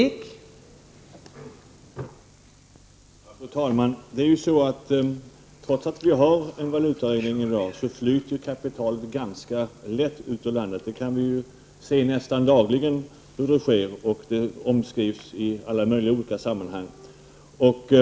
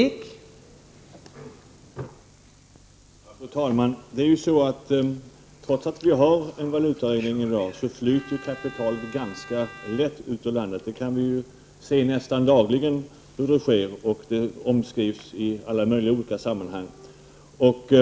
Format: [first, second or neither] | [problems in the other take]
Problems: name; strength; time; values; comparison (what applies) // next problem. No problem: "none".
first | background sound (Bowed string instrument); 19 dB below the speech